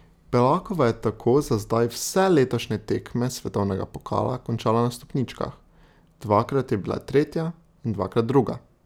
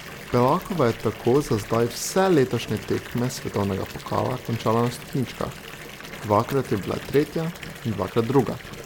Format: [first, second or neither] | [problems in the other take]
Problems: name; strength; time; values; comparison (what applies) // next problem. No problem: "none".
first | background sound (Fill (with liquid) / Bathtub (filling or washing) / Water tap, faucet); 14 dB below the speech